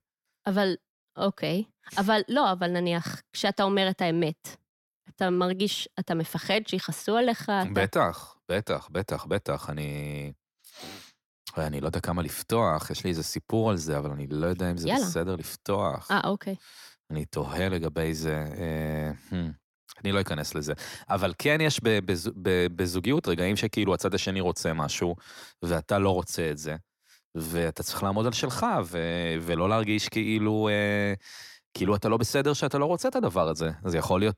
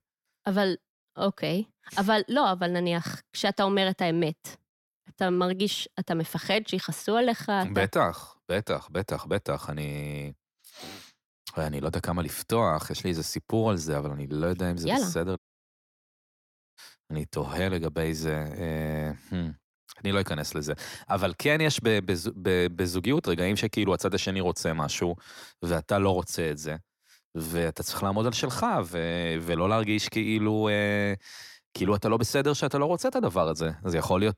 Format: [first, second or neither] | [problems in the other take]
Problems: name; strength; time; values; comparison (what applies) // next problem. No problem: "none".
first | audio cutting out; at 15 s for 1.5 s